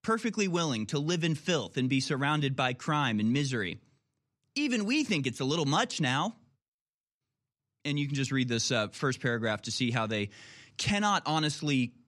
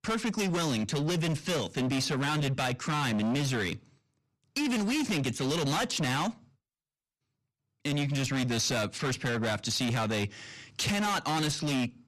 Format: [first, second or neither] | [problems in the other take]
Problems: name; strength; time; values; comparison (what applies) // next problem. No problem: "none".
first | distortion; heavy; 27% of the sound clipped